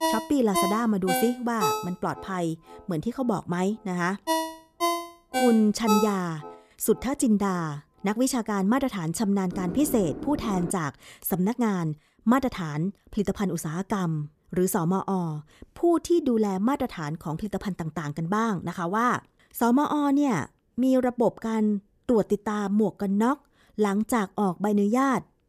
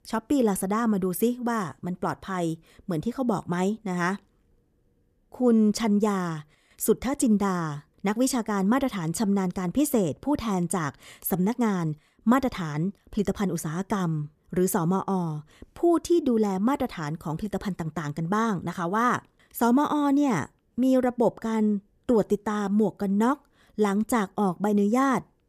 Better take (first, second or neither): second